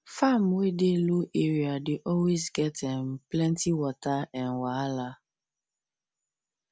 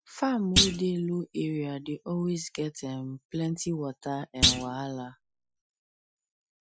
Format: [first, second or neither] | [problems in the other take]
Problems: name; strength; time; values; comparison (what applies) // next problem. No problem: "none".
first | noise reduction (classical method Wiener filter)